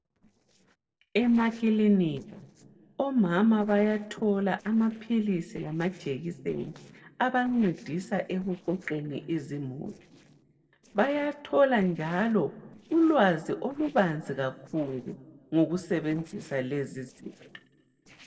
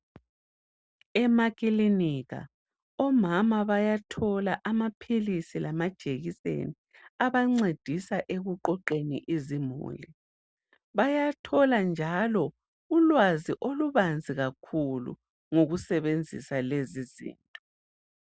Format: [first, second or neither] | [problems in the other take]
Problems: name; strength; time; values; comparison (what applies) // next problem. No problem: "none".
second | noise reduction (neural separator model SepFormer DNS4)